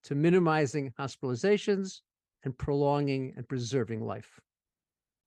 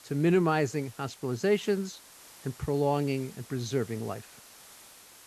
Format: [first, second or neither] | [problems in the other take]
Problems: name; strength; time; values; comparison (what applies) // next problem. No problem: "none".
first | hiss; faint; throughout; 20 dB below the speech